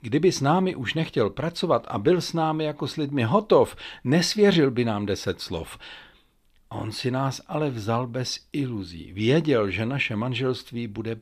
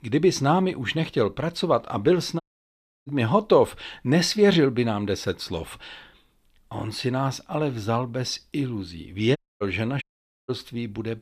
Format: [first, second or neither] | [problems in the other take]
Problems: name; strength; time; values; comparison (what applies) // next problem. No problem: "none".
first | audio cutting out; at 2.5 s for 0.5 s, at 9.5 s and at 10 s